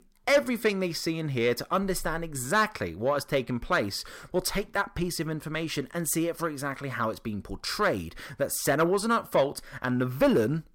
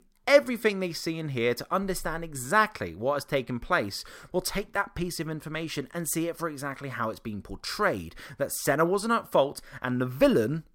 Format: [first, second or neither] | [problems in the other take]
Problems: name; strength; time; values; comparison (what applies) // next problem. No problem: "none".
second | distortion; slight; 10 dB below the speech